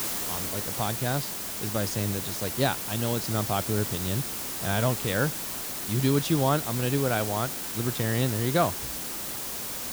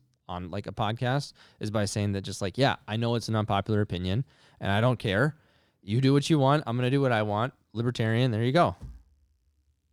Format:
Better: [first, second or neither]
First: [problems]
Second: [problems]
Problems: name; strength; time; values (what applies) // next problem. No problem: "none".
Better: second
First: hiss; loud; throughout; 2 dB below the speech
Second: none